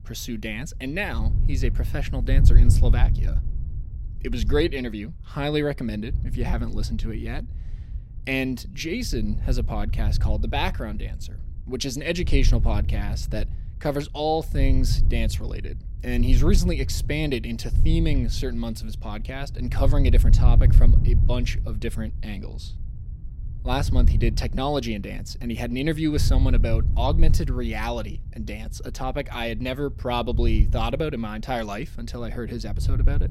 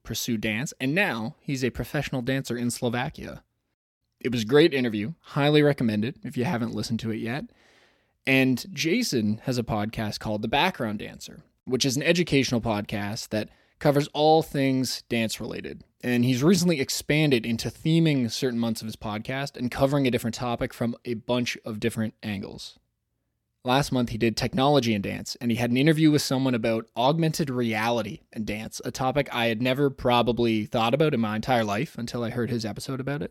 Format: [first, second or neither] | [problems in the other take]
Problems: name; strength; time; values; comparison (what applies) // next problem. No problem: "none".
second | wind noise on the microphone; occasional gusts; 10 dB below the speech